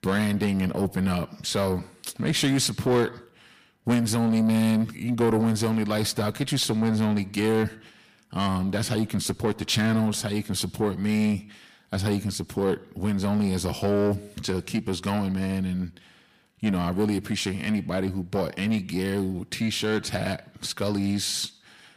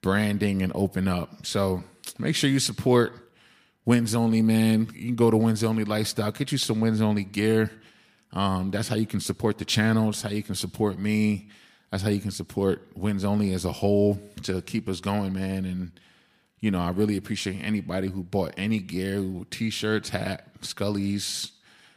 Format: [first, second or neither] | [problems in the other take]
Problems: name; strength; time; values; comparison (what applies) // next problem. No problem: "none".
second | distortion; slight; 10 dB below the speech